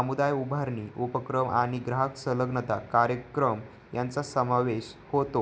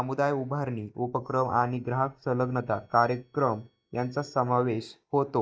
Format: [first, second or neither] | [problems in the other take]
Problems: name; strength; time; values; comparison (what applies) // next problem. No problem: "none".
first | noise reduction (neural mask model DeepFilterNet 3)